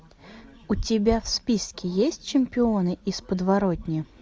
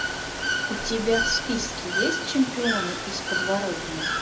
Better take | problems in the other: first | background sound (Water / Bird); as loud as the speech // room echo; dies away in 0.2 s

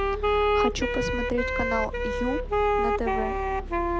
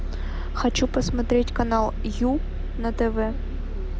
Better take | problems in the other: second | background sound (Wind instrument, woodwind instrument); 4 dB above the speech

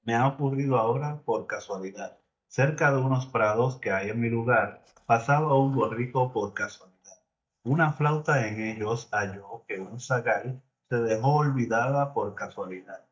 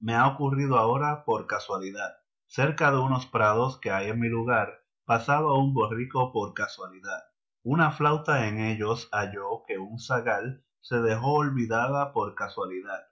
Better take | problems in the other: second | noise reduction (neural mask model DeepFilterNet 3)

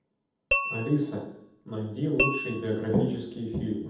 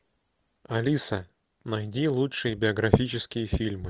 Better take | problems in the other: second | background sound (Tap / Glass); 3 dB below the speech // room echo; dies away in 0.8 s

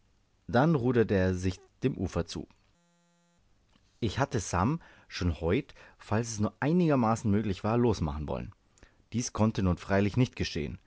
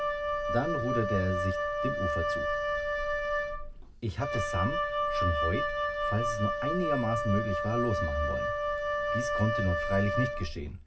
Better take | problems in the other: first | background sound (Wind instrument, woodwind instrument); 2 dB above the speech // room echo; dies away in 0.4 s

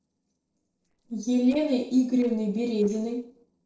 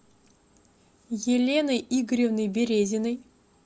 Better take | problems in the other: second | noise reduction (neural separator model SepFormer DNS4)

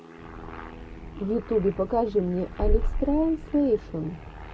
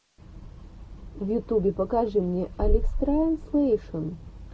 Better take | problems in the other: second | background sound (Aircraft); 20 dB below the speech

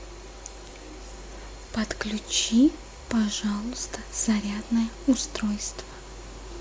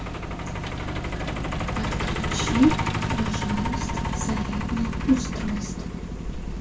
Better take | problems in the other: first | background sound (Truck); as loud as the speech // room echo; dies away in 0.2 s

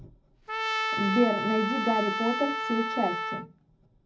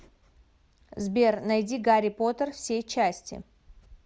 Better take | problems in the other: second | background sound (Trumpet); 2 dB below the speech // room echo; dies away in 0.4 s

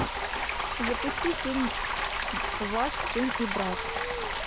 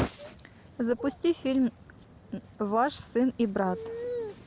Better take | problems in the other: second | background sound (Stream + Frying (food)); 2 dB above the speech

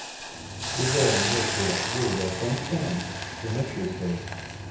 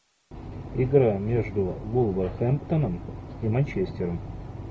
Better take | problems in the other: second | background sound (Hiss); 3 dB below the speech // room echo; dies away in 0.6 s

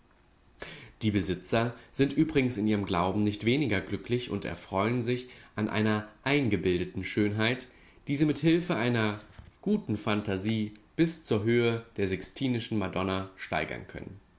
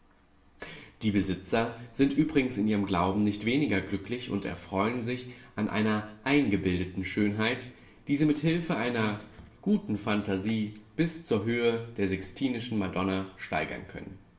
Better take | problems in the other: first | room echo; dies away in 1 s

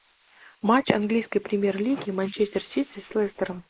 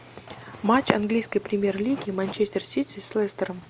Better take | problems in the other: second | noise reduction (neural mask model Resemble Enhance denoiser)

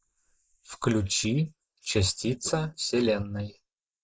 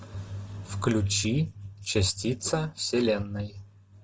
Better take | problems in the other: second | noise reduction (neural mask model Resemble Enhance denoiser)

